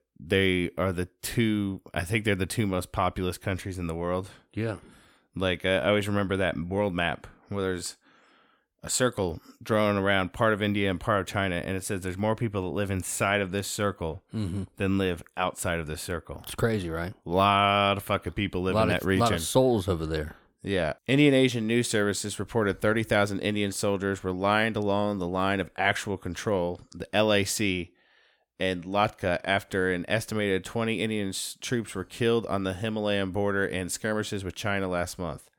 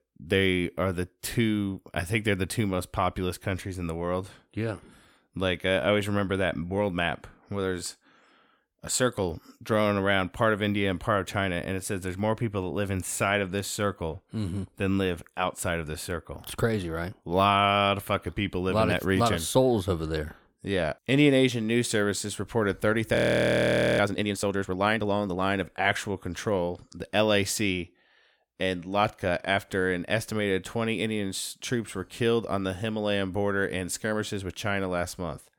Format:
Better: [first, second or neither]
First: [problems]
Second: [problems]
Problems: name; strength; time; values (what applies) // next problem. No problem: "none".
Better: first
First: none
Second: audio freezing; at 23 s for 1 s